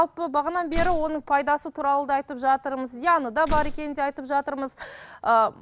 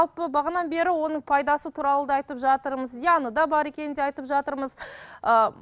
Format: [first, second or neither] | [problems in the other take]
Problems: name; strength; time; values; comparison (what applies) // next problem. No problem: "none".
second | background sound (Slam); 7 dB below the speech